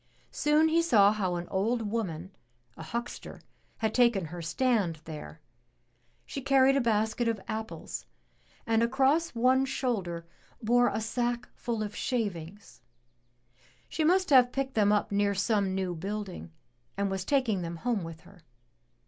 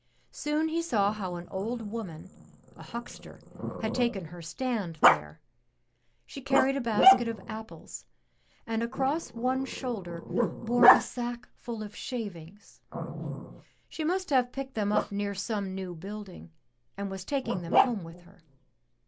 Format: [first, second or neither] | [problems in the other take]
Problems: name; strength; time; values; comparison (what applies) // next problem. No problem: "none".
first | background sound (Growling); 1 dB above the speech